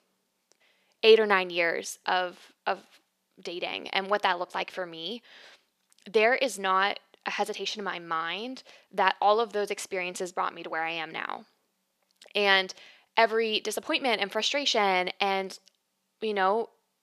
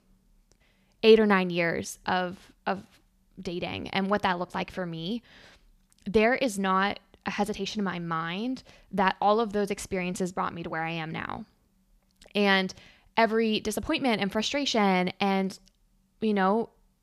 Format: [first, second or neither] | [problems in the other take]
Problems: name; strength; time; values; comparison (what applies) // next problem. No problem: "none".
second | thin; somewhat; fading below 450 Hz